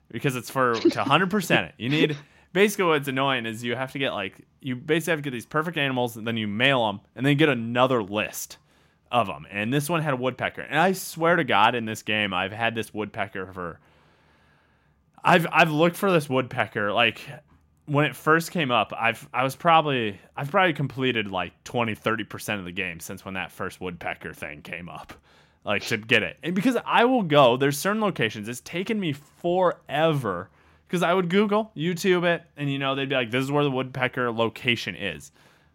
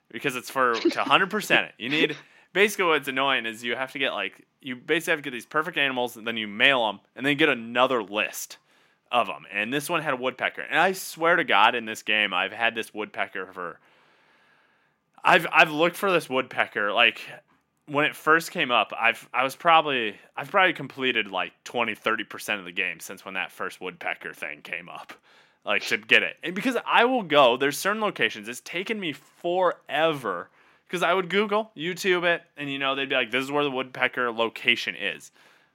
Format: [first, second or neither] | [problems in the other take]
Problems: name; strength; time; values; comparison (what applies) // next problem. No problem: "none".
first | thin; very slightly; fading below 250 Hz